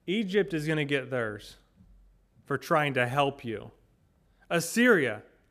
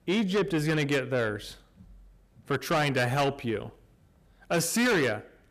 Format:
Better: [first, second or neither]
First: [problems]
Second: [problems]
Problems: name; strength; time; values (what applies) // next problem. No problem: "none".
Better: first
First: none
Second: distortion; heavy; 6 dB below the speech